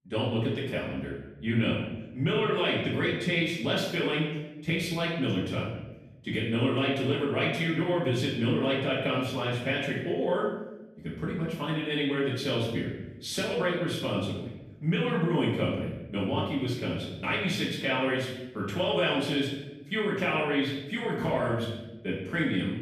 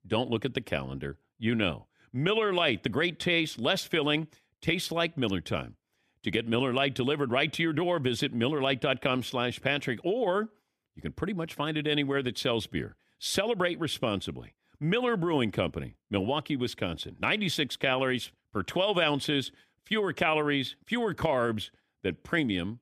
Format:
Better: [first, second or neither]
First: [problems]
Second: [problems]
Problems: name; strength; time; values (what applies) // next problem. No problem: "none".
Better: second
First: off-mic speech; far // room echo; noticeable; dies away in 0.8 s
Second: none